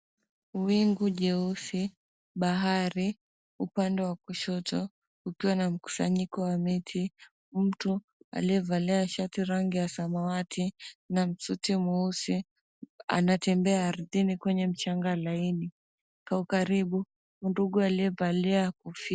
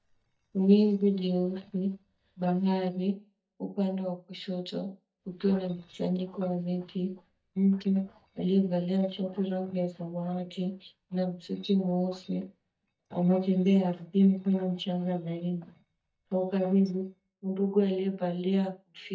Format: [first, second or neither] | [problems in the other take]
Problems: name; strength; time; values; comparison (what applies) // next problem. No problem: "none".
first | noise reduction (neural mask model DeepFilterNet 3)